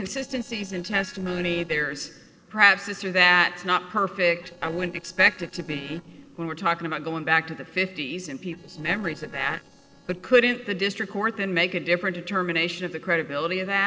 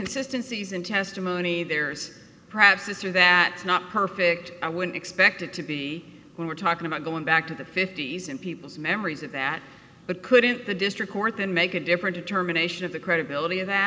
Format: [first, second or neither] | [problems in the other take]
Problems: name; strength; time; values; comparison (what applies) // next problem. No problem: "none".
second | noise reduction (neural separator model SepFormer DNS4)